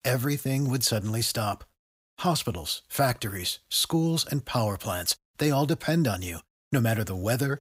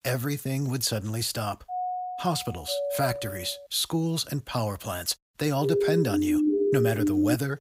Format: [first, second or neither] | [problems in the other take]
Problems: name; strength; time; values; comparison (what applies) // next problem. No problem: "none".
first | doorbell; noticeable; from 1.5 to 3.5 s; peak 2 dB below the speech // siren; loud; from 5.5 s on; peak 5 dB above the speech